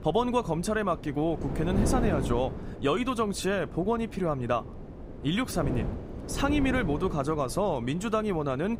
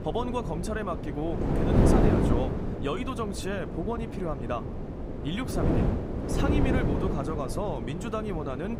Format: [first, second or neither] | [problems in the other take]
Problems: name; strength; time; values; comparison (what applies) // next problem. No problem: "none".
first | wind noise on the microphone; heavy; as loud as the speech; occasional gusts in the first